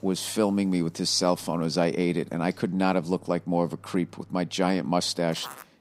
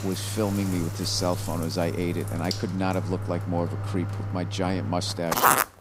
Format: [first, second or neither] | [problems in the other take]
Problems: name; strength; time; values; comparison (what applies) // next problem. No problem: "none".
first | household noises; loud; throughout; as loud as the speech; faint in the first